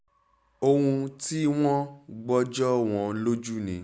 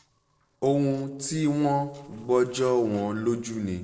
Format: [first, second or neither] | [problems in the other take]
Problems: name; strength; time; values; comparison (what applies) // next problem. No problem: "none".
first | noise reduction (neural separator model SepFormer DNS4)